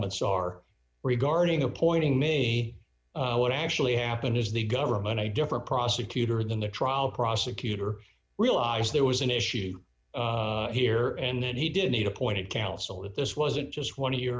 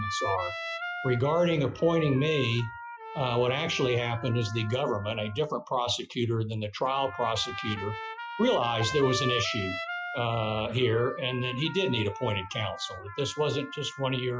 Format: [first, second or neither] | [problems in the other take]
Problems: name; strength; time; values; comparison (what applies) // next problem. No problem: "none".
first | noise reduction (classical method Wiener filter)